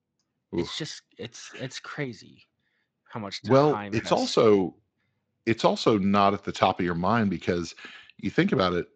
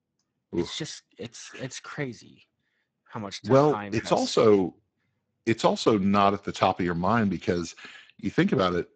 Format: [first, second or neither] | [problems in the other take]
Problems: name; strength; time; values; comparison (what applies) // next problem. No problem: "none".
first | garbled, watery; badly; nothing above 8 kHz; slightly in the first